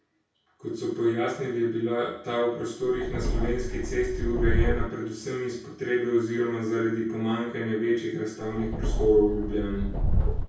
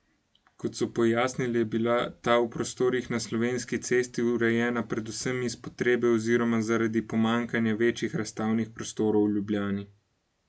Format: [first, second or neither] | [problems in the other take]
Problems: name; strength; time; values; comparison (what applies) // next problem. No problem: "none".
second | background sound (Subway, metro, underground); 1 dB above the speech // room echo; dies away in 0.6 s